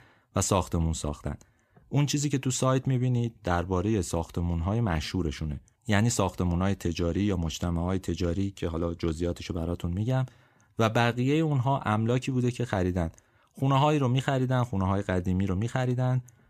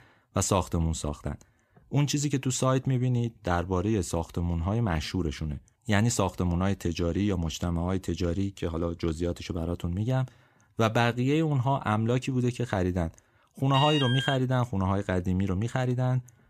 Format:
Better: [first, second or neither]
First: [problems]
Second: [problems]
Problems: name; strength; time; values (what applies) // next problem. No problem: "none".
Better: first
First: none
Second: alarm; noticeable; at 14 s; peak 1 dB below the speech